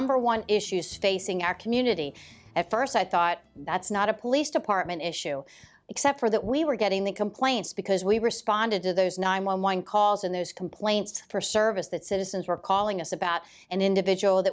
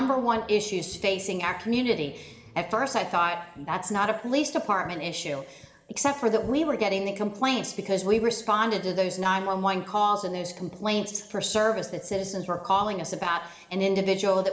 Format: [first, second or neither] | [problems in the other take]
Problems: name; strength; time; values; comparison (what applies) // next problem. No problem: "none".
first | room echo; dies away in 1.1 s